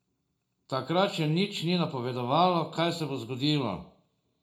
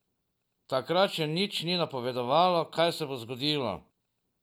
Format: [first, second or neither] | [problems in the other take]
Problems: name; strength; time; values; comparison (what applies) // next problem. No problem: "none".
second | room echo; dies away in 0.3 s